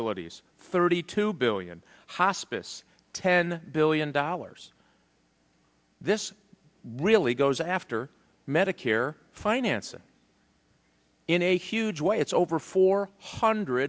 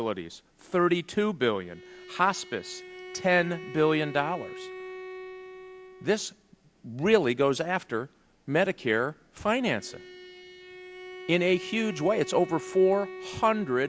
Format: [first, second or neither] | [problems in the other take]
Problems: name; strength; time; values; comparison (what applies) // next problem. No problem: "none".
first | background sound (Bowed string instrument); 16 dB below the speech